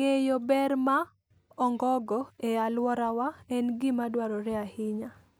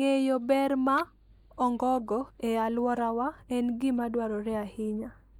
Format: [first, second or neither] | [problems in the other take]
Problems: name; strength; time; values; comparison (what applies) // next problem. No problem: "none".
first | noise reduction (neural mask model DeepFilterNet 3)